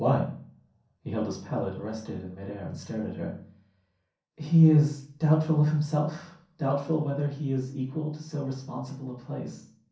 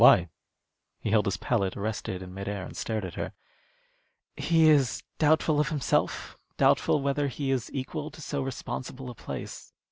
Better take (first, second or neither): second